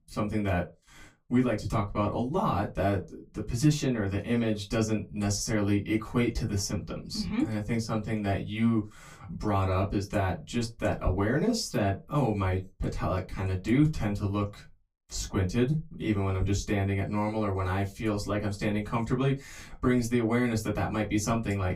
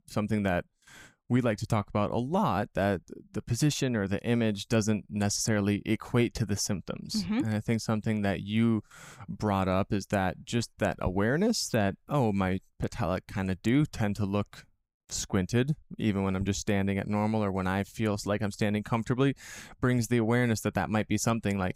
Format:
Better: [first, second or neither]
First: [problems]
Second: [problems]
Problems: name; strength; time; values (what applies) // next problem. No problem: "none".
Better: second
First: off-mic speech; far // room echo; very slight; dies away in 0.2 s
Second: none